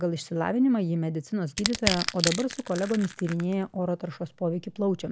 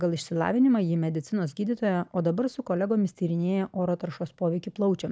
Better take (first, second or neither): second